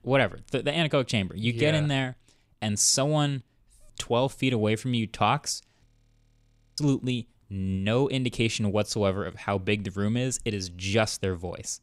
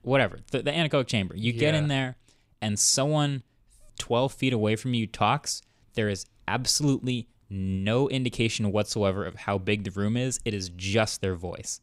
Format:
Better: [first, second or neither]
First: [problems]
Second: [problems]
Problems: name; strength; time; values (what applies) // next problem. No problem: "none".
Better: second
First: audio freezing; at 6 s for 1 s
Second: none